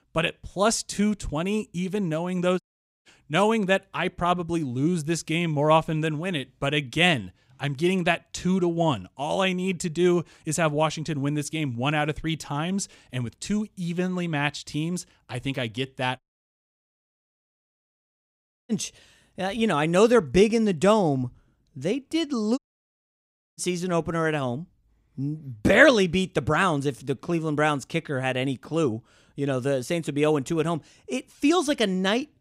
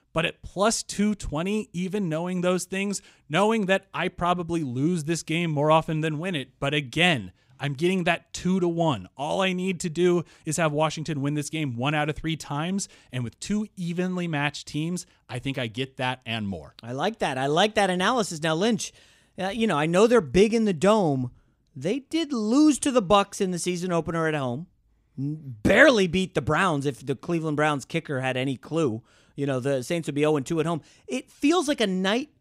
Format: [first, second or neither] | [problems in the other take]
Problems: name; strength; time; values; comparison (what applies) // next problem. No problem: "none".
second | audio cutting out; at 2.5 s, at 16 s for 2.5 s and at 23 s for 1 s